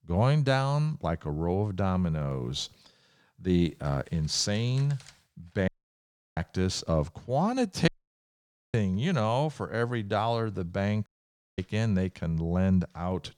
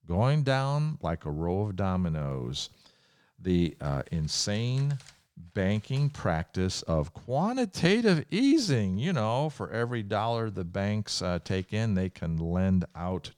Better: second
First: audio cutting out; at 5.5 s for 0.5 s, at 8 s for 1 s and at 11 s for 0.5 s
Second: none

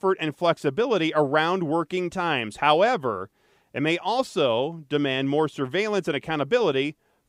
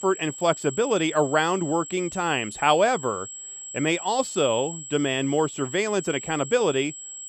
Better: first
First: none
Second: high-pitched whine; noticeable; throughout; 7.5 kHz, 10 dB below the speech

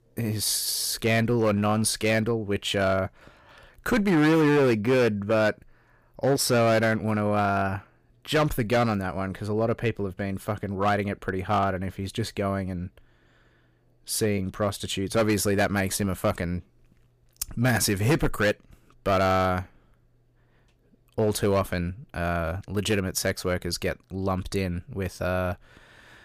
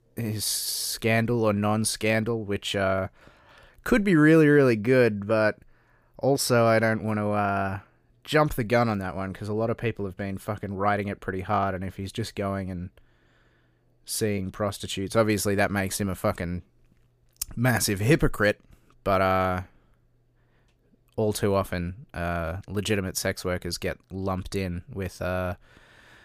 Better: second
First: distortion; slight; 5% of the sound clipped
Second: none

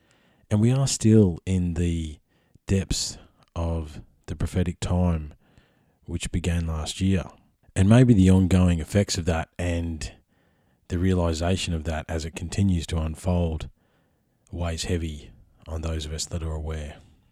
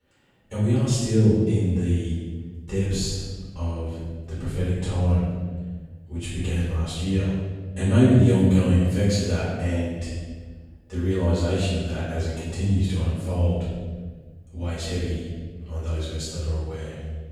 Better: first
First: none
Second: off-mic speech; far // room echo; strong; dies away in 1.4 s

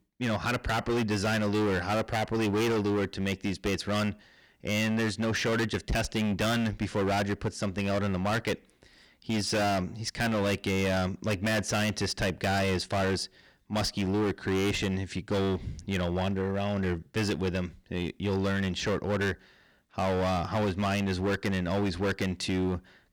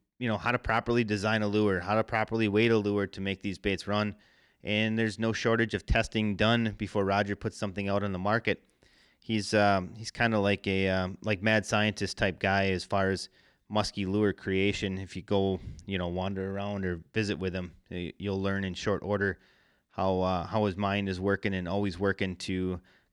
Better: second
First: distortion; heavy; 21% of the sound clipped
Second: none

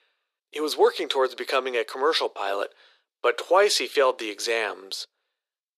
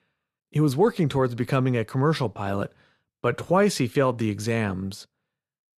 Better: second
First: thin; very; fading below 400 Hz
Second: none

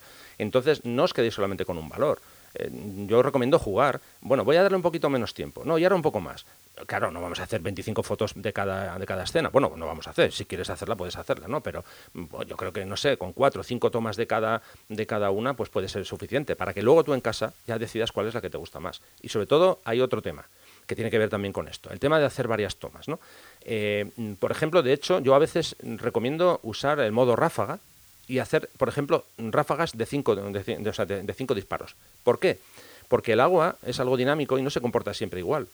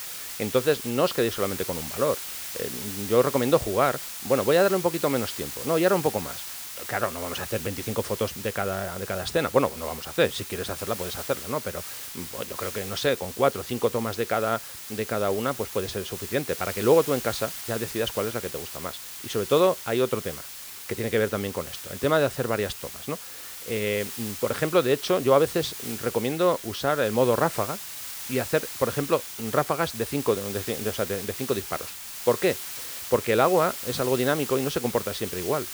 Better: first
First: hiss; faint; throughout; 25 dB below the speech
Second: hiss; loud; throughout; 8 dB below the speech

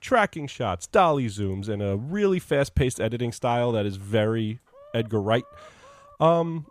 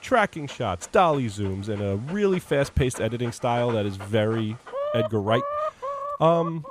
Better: first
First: animal sounds; faint; throughout; 30 dB below the speech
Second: animal sounds; loud; throughout; 9 dB below the speech

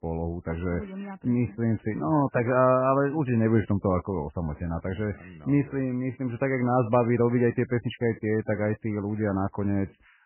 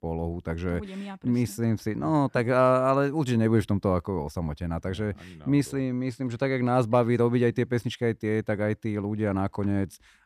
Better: second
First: garbled, watery; badly; nothing above 3 kHz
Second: none

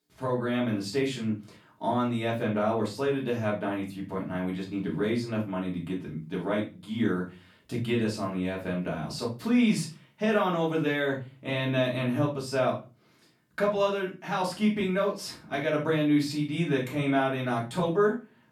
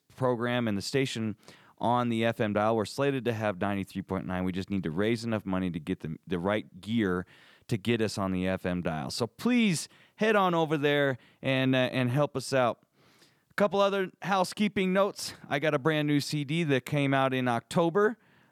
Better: second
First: off-mic speech; far // room echo; slight; dies away in 0.3 s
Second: none

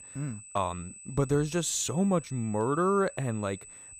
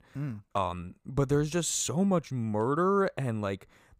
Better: second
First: high-pitched whine; noticeable; throughout; 8 kHz, 15 dB below the speech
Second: none

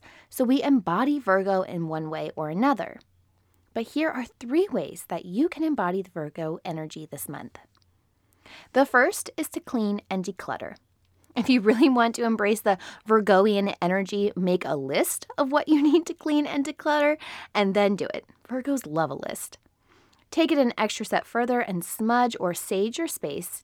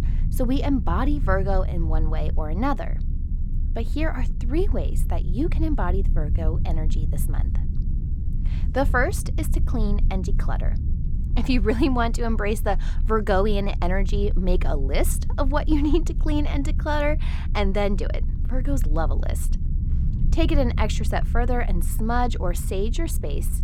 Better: first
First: none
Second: low rumble; noticeable; throughout; 15 dB below the speech

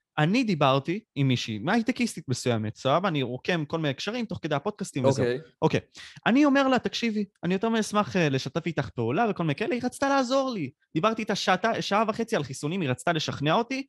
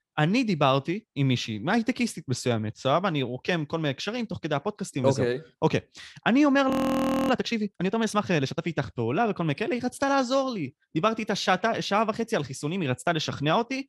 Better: first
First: none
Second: audio freezing; at 6.5 s for 0.5 s

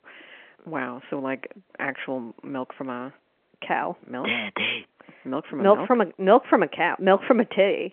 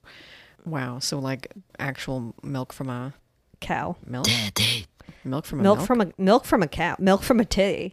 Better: second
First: phone-call audio; nothing above 3.5 kHz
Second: none

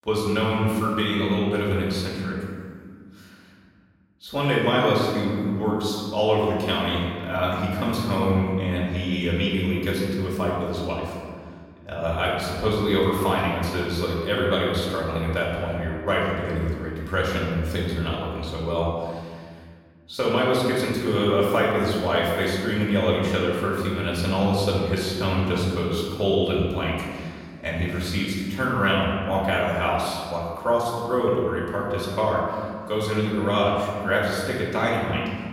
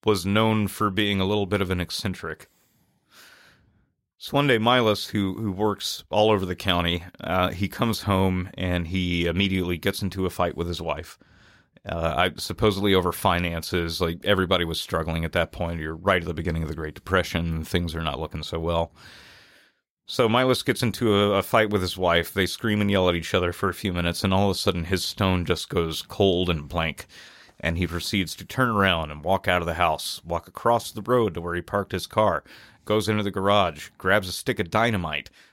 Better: second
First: room echo; noticeable; dies away in 1.9 s // off-mic speech; far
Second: none

